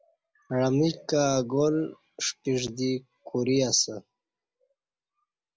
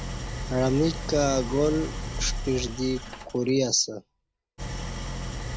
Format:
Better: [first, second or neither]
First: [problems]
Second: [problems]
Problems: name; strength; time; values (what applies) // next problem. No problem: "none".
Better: first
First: none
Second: background sound (Idling); 6 dB below the speech